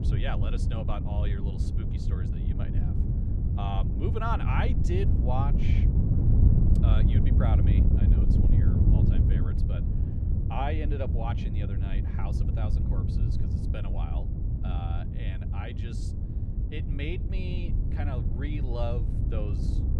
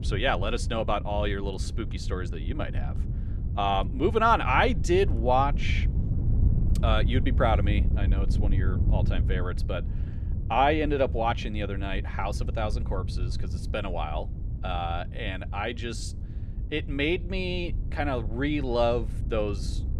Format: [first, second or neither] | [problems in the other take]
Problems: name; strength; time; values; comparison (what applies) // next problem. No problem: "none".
second | wind noise on the microphone; heavy; 2 dB below the speech; occasional gusts in the second